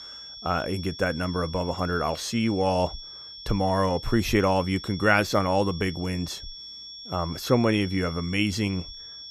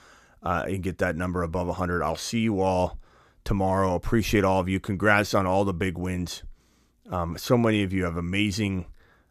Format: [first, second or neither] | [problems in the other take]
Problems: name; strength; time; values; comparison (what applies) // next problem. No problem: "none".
second | high-pitched whine; noticeable; throughout; 5.5 kHz, 15 dB below the speech